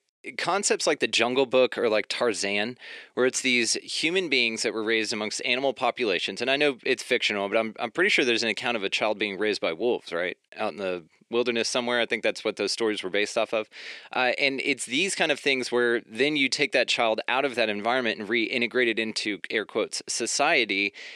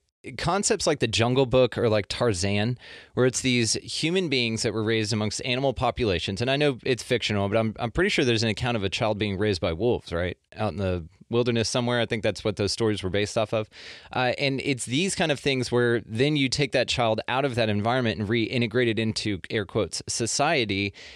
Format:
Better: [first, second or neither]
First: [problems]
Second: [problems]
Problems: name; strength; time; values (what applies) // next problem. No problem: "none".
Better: second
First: thin; very slightly; fading below 250 Hz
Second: none